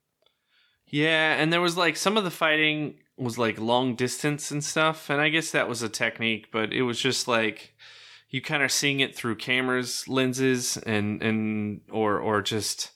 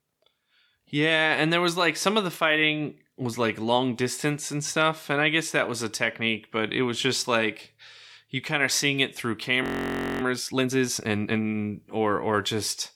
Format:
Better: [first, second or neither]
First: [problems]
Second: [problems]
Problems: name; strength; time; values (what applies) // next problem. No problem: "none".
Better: first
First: none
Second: audio freezing; at 9.5 s for 0.5 s